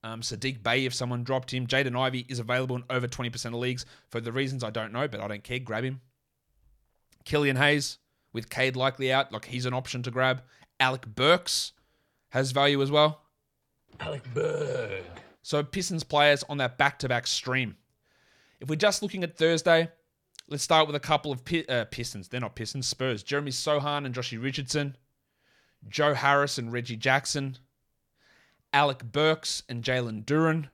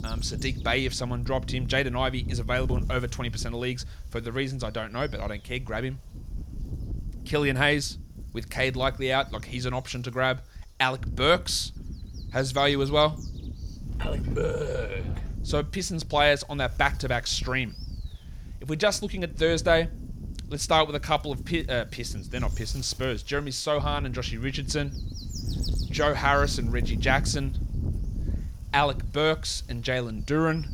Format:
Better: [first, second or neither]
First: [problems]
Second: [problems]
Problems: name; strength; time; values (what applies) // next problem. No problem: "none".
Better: first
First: none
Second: wind noise on the microphone; occasional gusts; 20 dB below the speech